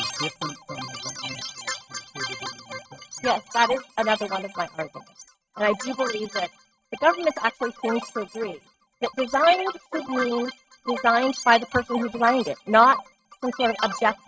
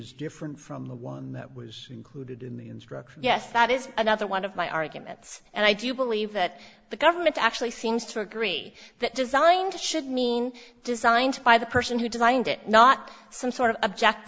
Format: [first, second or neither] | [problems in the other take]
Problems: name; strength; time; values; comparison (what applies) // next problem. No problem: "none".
second | noise reduction (neural mask model RNNoise)